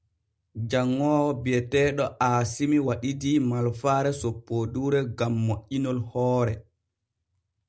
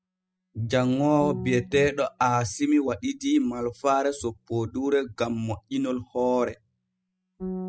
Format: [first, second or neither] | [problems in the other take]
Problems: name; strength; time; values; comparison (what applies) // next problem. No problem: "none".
first | noise reduction (classical method spectral subtraction)